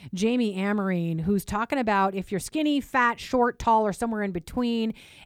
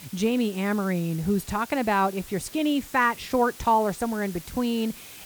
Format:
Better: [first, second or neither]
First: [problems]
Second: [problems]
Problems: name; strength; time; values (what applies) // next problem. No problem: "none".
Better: first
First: none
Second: hiss; noticeable; throughout; 15 dB below the speech